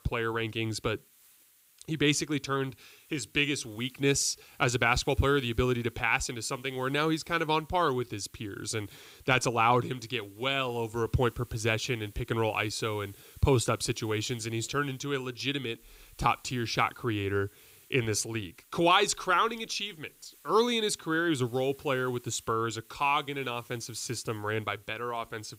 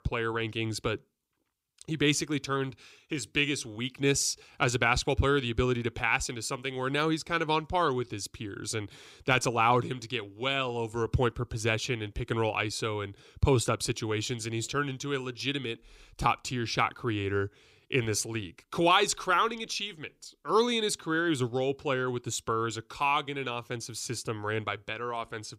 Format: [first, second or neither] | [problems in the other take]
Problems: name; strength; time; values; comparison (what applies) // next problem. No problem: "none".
second | hiss; faint; throughout; 25 dB below the speech